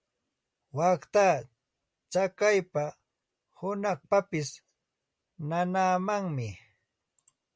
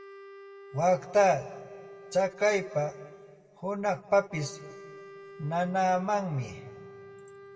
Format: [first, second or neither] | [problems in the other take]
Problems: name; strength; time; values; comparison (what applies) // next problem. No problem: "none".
first | background sound (Wind instrument, woodwind instrument); 19 dB below the speech // room echo; dies away in 1.3 s